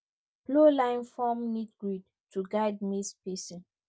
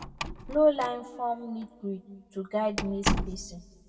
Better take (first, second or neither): first